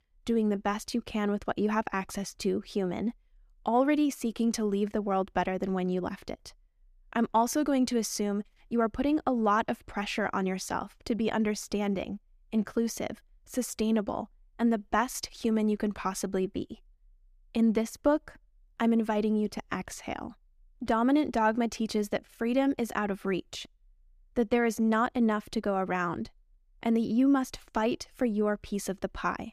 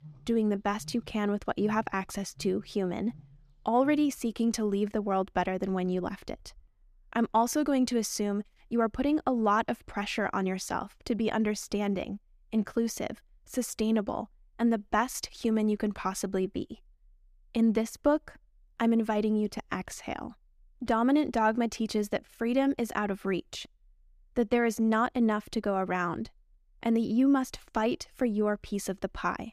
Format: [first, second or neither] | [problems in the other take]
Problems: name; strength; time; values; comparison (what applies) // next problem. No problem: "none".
first | animal sounds; faint; until 6.5 s; 25 dB below the speech